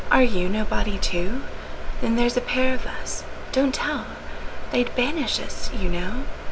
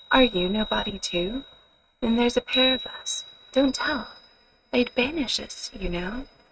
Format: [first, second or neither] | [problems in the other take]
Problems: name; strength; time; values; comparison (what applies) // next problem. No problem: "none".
first | noise reduction (neural mask model RNNoise)